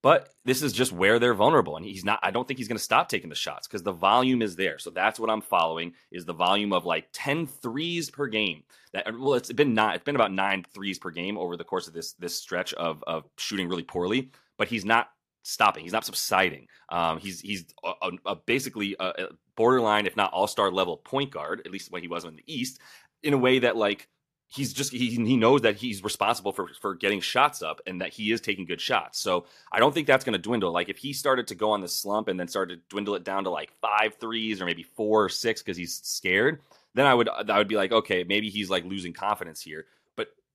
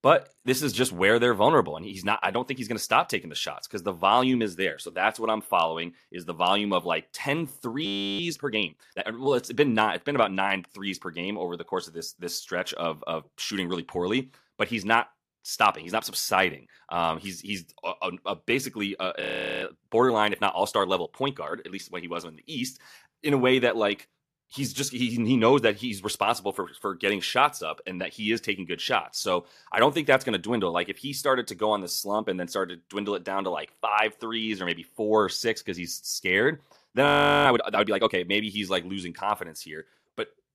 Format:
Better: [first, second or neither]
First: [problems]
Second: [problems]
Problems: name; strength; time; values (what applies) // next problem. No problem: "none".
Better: first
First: none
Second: audio freezing; at 8 s, at 19 s and at 37 s